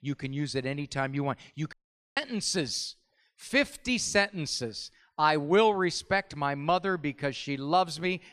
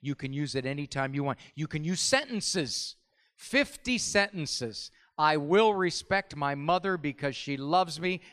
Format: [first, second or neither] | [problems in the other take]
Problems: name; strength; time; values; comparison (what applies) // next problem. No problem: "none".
second | audio cutting out; at 1.5 s